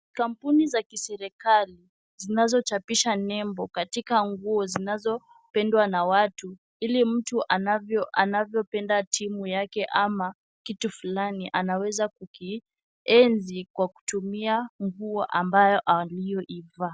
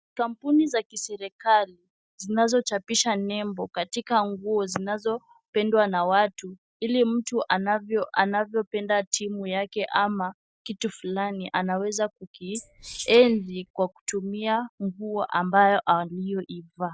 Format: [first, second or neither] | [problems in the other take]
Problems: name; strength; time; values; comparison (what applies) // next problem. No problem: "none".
first | noise reduction (neural mask model DeepFilterNet 3)